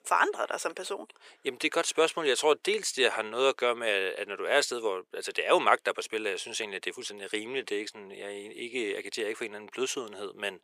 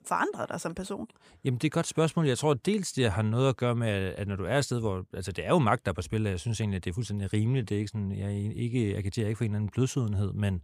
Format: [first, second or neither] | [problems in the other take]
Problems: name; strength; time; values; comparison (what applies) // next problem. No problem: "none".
second | thin; very; fading below 400 Hz